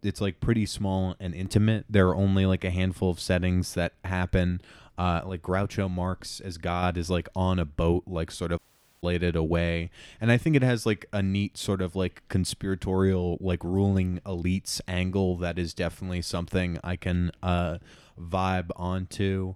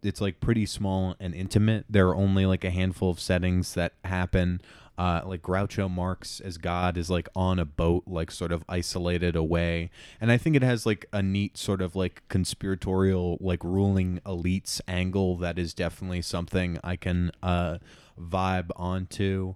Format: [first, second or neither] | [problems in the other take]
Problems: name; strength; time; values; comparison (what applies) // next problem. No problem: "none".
second | audio cutting out; at 8.5 s